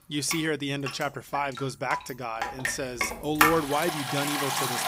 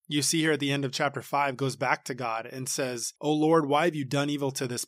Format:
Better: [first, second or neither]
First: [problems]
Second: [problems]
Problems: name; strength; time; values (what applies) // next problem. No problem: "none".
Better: second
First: rain or running water; very loud; throughout; 1 dB above the speech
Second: none